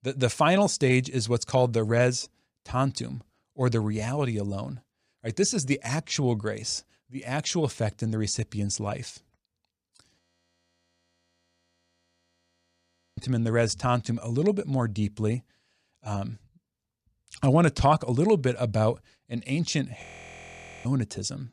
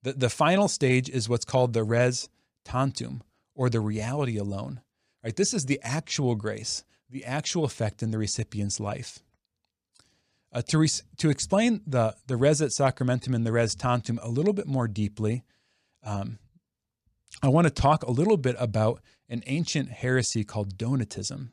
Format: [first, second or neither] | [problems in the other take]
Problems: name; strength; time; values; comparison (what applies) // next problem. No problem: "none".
second | audio freezing; at 10 s for 3 s and at 20 s for 1 s